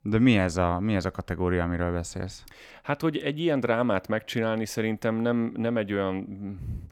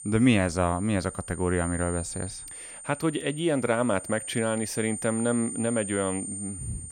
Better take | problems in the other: first | high-pitched whine; loud; throughout; 8.5 kHz, 8 dB below the speech

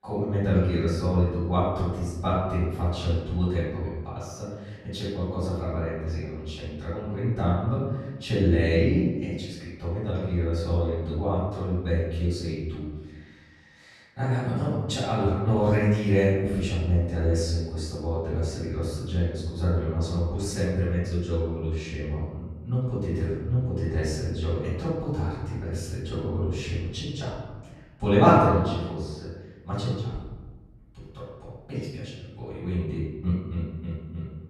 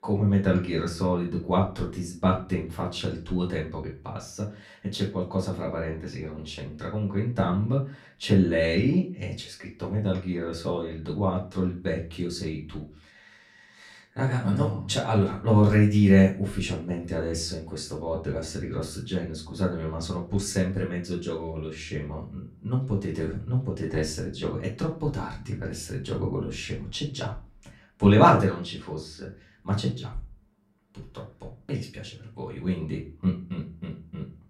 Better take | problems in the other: second | room echo; strong; dies away in 1.3 s; slight in the second // off-mic speech; far; far in the second

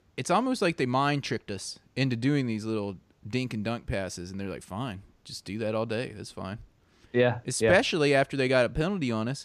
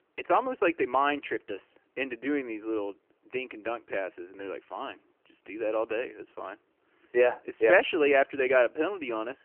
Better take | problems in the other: first | phone-call audio; nothing above 3 kHz

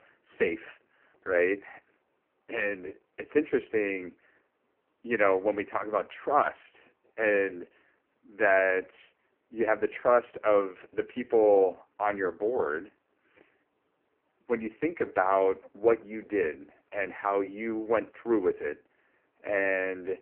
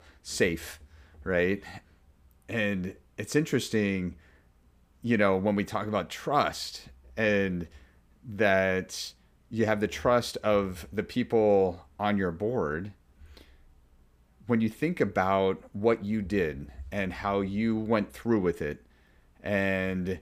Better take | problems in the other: second | phone-call audio; poor line

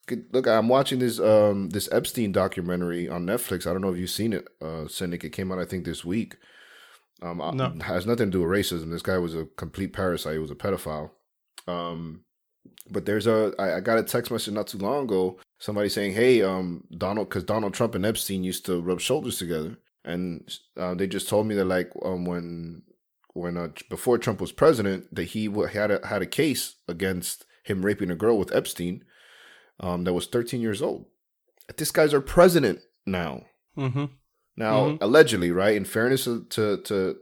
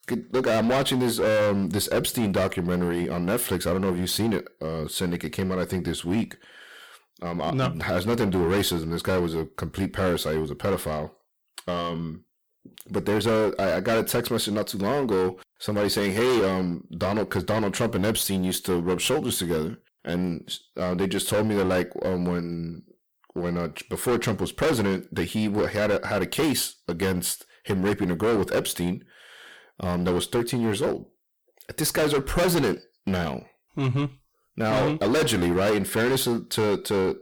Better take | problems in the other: first | distortion; heavy; 14% of the sound clipped

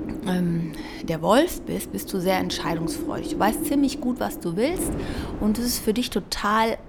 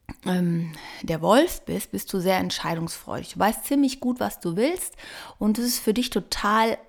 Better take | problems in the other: second | wind noise on the microphone; occasional gusts; 10 dB below the speech

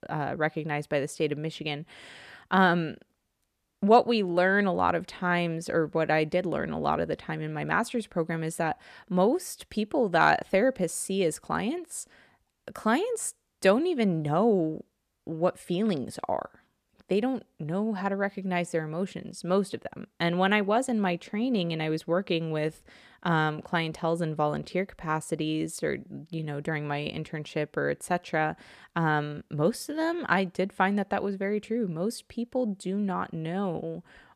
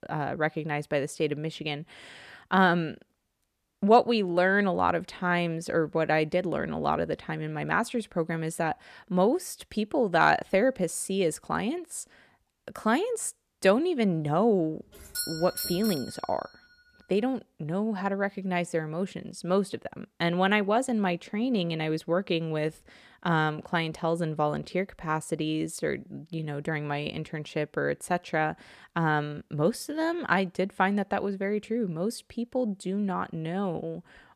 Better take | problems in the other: first | doorbell; noticeable; from 15 to 16 s; peak 4 dB below the speech

